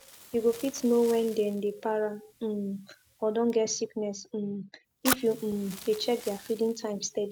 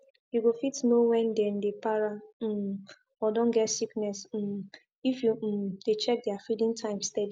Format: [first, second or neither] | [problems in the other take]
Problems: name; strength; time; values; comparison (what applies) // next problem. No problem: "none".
second | background sound (Fire); 13 dB below the speech